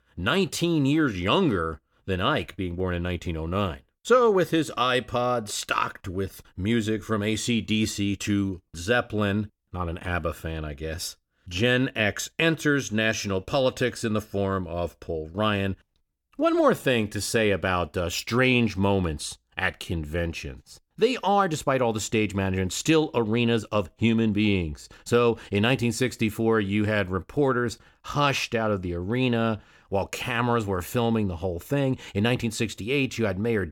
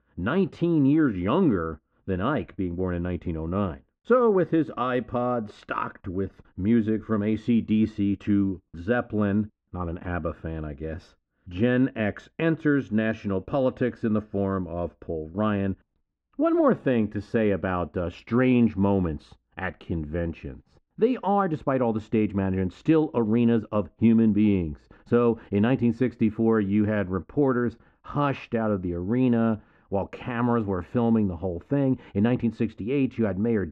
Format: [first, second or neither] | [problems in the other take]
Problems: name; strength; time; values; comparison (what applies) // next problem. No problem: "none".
first | muffled; very; fading above 1.5 kHz